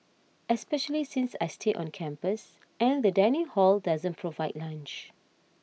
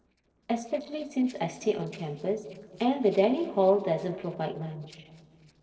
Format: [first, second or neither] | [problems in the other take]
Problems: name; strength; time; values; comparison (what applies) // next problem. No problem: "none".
first | noise reduction (neural separator model SepFormer DNS4)